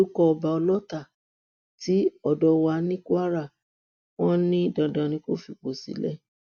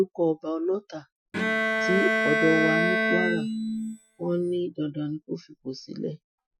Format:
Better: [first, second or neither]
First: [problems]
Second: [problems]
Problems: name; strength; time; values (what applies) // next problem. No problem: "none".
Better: first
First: none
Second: noise reduction (classical method Wiener filter)